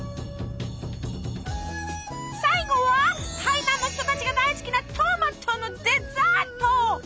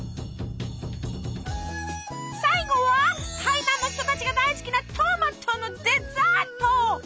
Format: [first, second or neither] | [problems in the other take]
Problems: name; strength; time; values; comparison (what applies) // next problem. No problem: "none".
second | background sound (Piano + Subway, metro, underground / Train); 20 dB below the speech